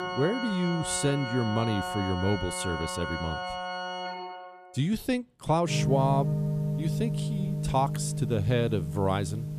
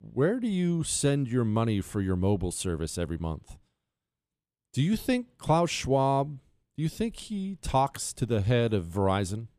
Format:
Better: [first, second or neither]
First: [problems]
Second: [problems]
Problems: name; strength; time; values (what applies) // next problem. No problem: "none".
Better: second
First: background music; loud; throughout; 3 dB below the speech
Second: none